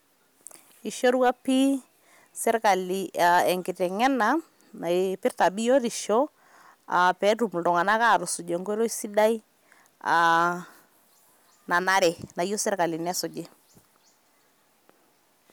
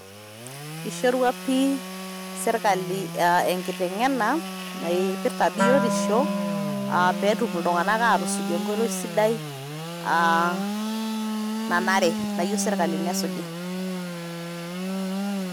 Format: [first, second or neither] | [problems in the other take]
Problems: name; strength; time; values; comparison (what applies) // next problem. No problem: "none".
first | background sound (Sawing / Engine + Wind instrument, woodwind instrument); 3 dB below the speech